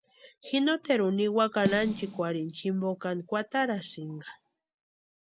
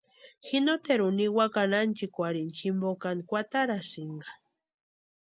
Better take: second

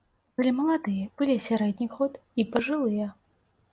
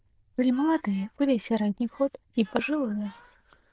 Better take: first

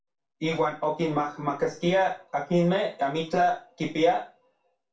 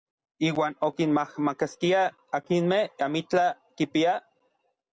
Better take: second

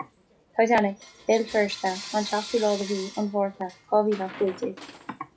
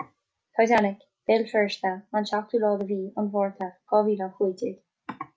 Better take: second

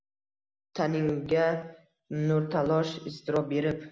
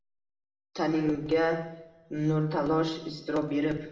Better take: first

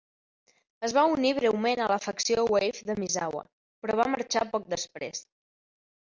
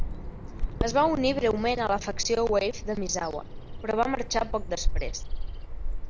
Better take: first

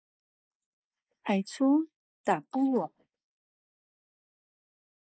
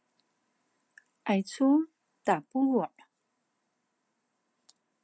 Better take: second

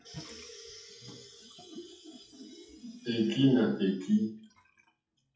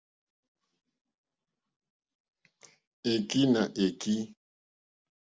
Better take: second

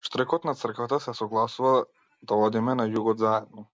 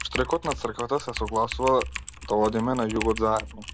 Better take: first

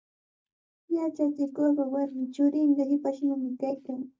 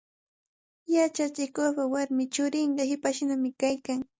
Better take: second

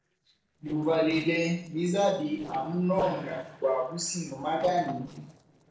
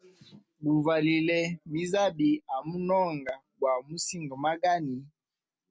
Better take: second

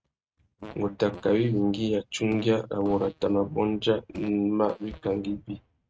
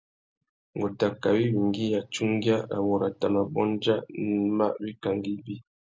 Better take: second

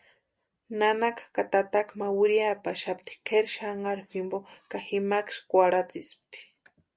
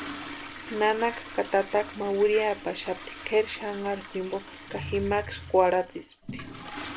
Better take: first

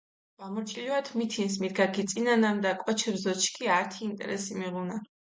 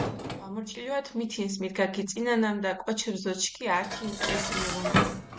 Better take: first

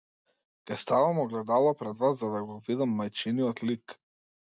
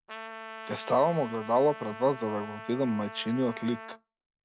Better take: first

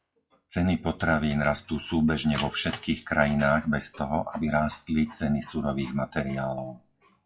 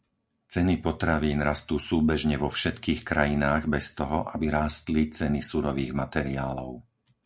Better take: second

